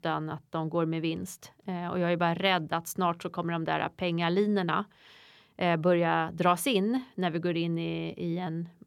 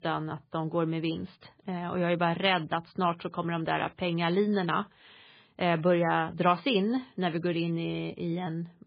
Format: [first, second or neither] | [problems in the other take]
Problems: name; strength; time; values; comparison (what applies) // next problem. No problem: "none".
first | garbled, watery; badly; nothing above 5 kHz